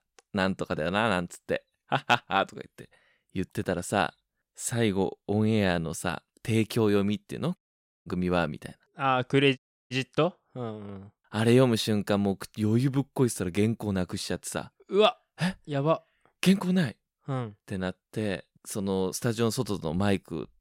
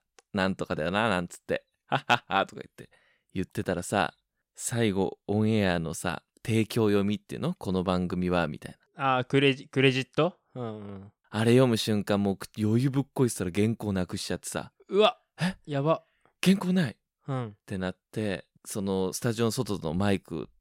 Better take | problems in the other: second | audio cutting out; at 7.5 s and at 9.5 s

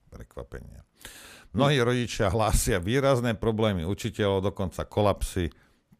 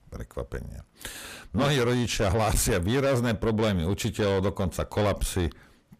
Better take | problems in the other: first | distortion; heavy; 7 dB below the speech

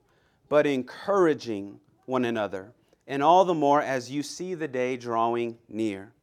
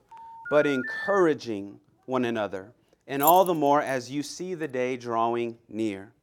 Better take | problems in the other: first | phone ringing; noticeable; until 1 s; peak 5 dB below the speech // jangling keys; noticeable; at 3 s; peak 3 dB below the speech

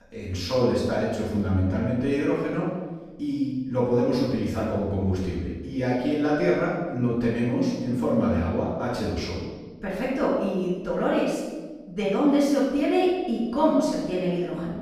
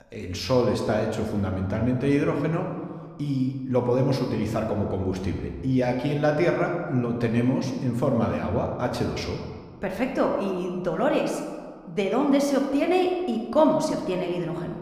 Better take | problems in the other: second | room echo; strong; dies away in 1.1 s; slight in the second // off-mic speech; far

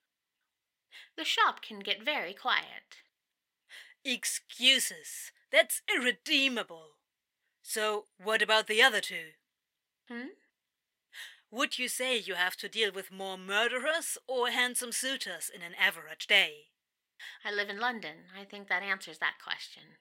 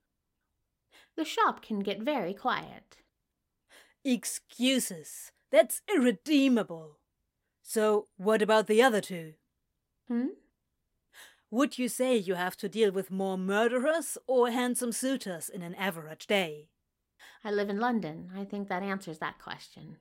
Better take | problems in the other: second | thin; somewhat; fading below 1 kHz

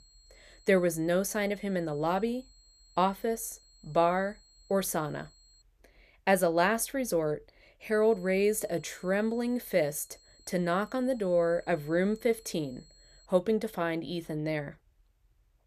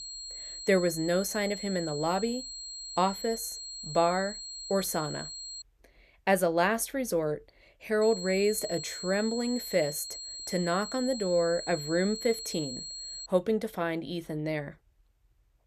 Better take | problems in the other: first | high-pitched whine; loud; until 5.5 s and from 8 to 13 s; 4 kHz, 8 dB below the speech; faint in the first

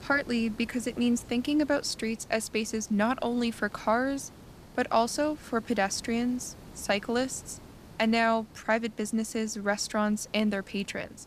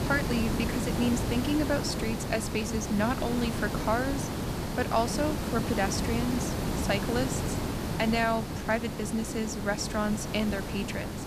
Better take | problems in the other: first | hiss; loud; throughout; 2 dB below the speech; faint in the first

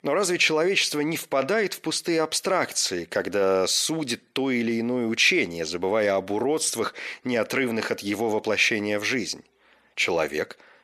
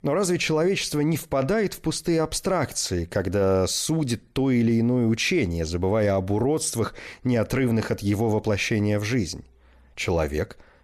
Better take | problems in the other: second | thin; somewhat; fading below 300 Hz

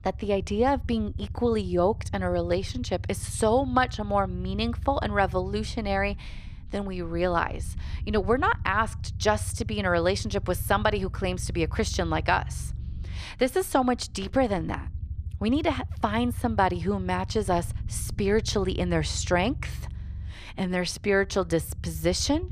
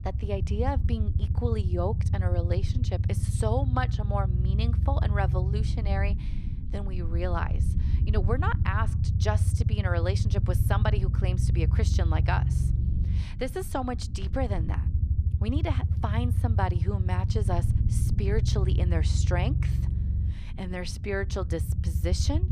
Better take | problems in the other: first | low rumble; loud; throughout; 8 dB below the speech; faint in the first

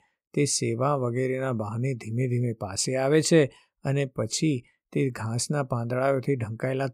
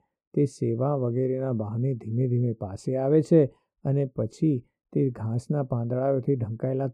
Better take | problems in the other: first | muffled; very; fading above 1 kHz

